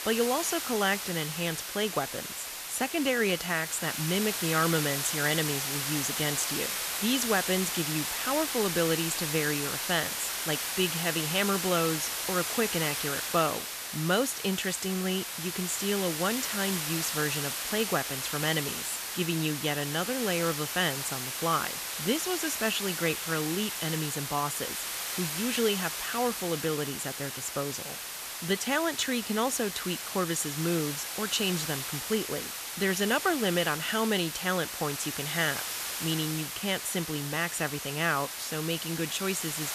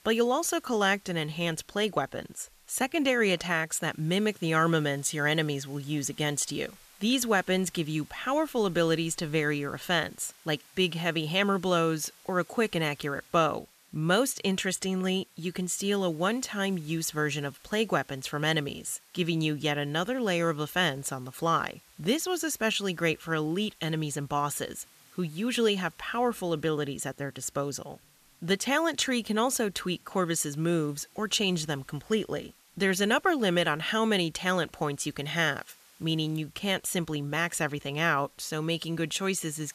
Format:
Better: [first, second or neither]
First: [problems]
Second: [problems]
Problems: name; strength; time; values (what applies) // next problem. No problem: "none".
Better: second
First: hiss; loud; throughout; 2 dB below the speech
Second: hiss; faint; throughout; 25 dB below the speech